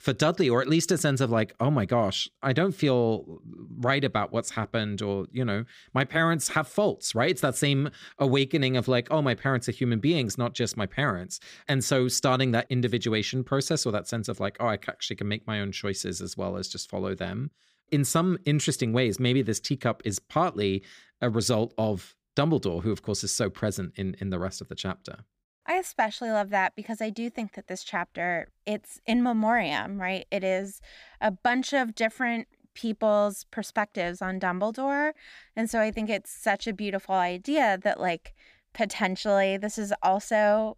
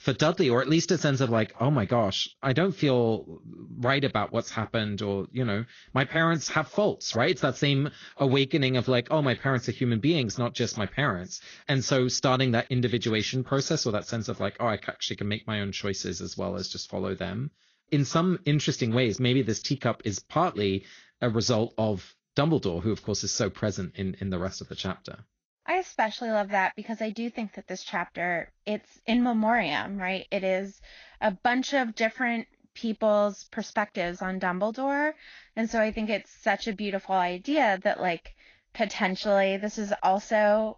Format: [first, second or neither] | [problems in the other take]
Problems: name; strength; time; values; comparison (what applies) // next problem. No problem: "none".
first | garbled, watery; slightly; nothing above 6.5 kHz